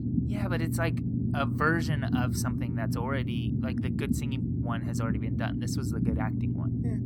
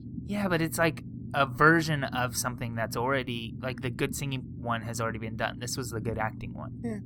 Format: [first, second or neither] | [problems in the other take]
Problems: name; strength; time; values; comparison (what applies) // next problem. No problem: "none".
second | low rumble; loud; throughout; 4 dB below the speech; faint in the second